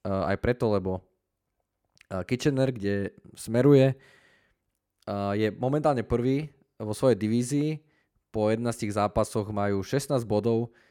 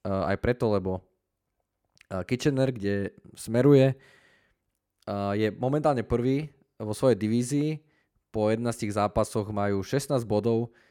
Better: neither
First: none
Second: none

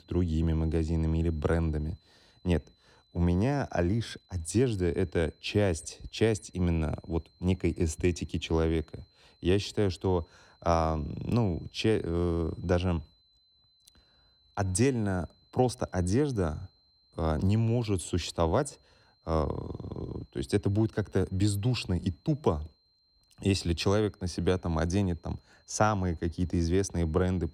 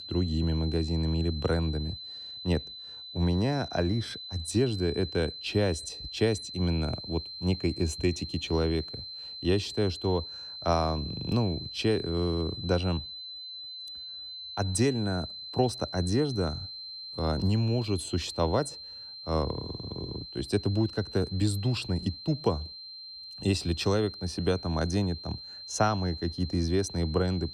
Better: first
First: high-pitched whine; faint; throughout; 4 kHz, 35 dB below the speech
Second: high-pitched whine; loud; throughout; 4 kHz, 9 dB below the speech

